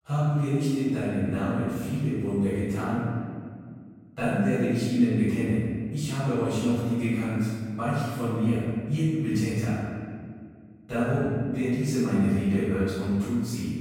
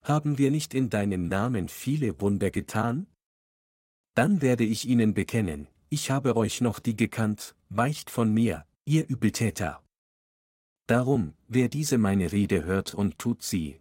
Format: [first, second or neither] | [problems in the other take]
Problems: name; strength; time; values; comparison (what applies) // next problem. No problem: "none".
second | off-mic speech; far // room echo; strong; dies away in 1.9 s